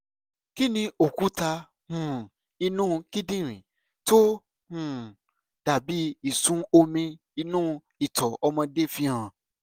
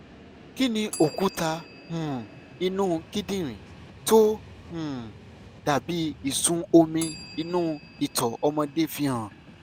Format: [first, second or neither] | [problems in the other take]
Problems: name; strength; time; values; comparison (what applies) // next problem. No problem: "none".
first | background sound (Bell + Train); 18 dB below the speech